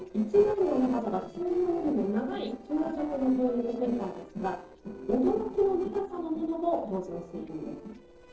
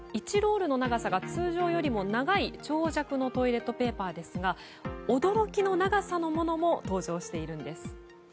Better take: second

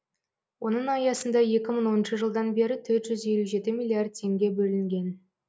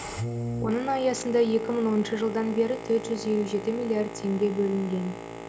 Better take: first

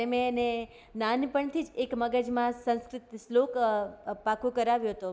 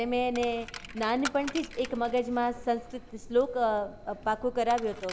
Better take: first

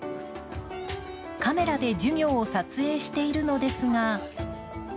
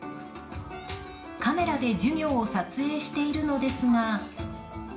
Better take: first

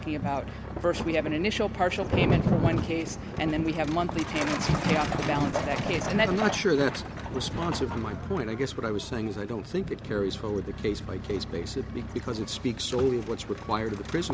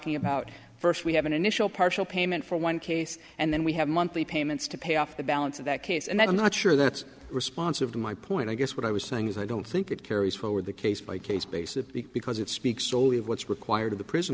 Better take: second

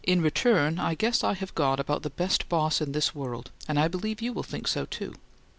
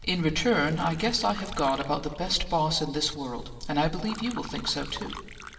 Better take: first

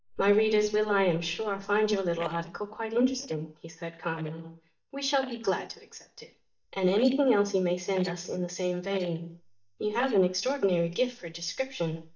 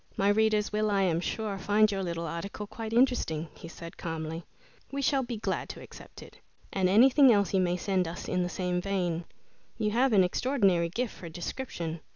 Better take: second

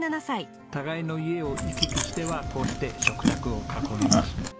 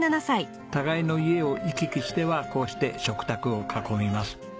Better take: second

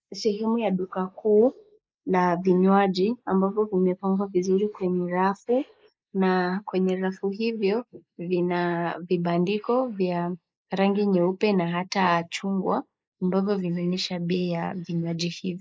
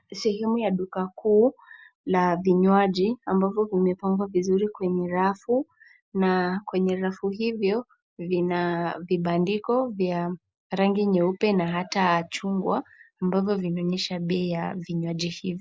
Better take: second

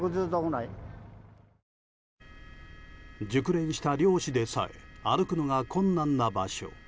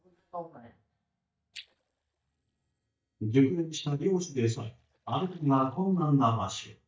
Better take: first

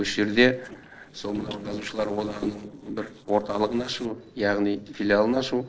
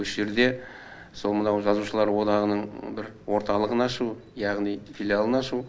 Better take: second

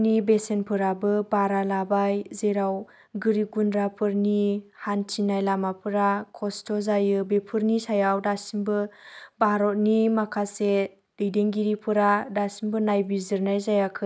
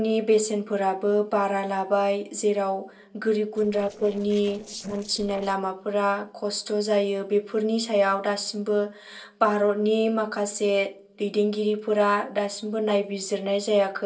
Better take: first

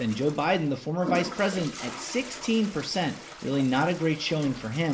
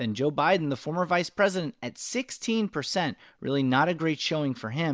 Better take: second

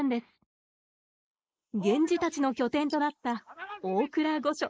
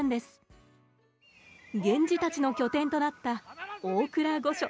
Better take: second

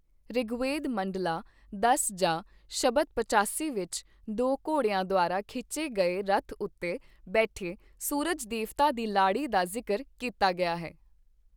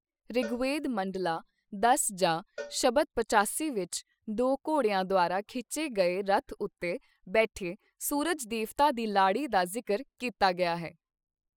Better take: first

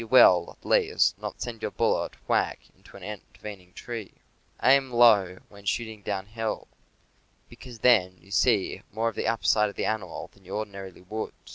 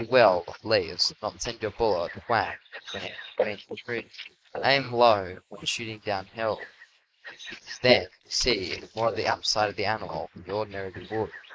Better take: first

